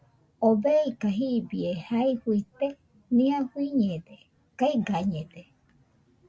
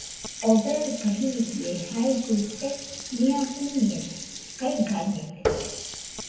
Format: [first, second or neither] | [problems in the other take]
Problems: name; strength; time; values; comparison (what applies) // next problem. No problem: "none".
first | background sound (Water tap, faucet); 9 dB below the speech // room echo; dies away in 0.9 s